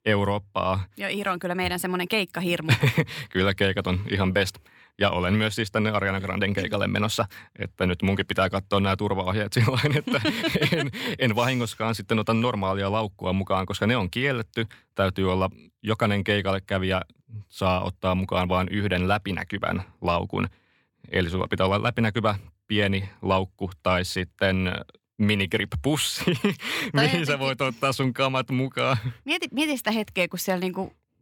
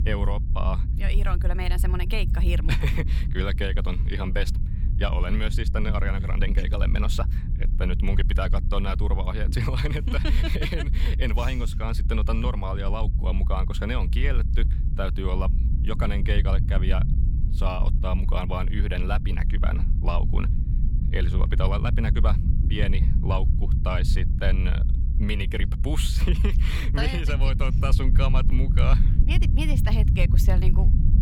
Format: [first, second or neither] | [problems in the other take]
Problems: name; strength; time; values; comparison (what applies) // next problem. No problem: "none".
first | low rumble; loud; throughout; 9 dB below the speech